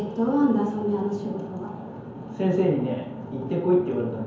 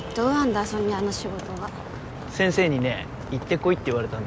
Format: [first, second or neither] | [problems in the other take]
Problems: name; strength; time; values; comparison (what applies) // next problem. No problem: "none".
second | room echo; dies away in 0.9 s